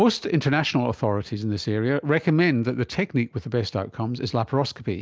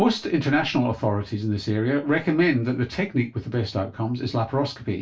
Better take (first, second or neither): first